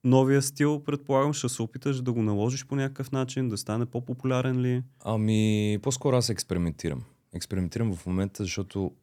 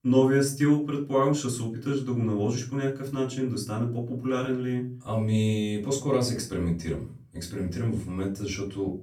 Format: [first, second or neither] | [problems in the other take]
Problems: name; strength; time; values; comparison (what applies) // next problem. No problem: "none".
first | off-mic speech; far // room echo; slight; dies away in 0.3 s